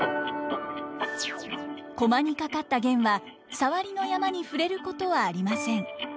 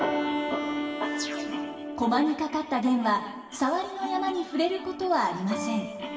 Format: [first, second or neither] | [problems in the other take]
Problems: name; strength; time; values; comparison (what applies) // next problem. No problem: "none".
first | background sound (Bowed string instrument); 10 dB below the speech // room echo; dies away in 1.2 s